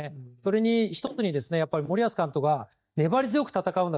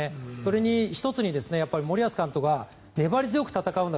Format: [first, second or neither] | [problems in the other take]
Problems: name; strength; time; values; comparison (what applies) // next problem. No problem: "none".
second | noise reduction (neural mask model DeepFilterNet 3)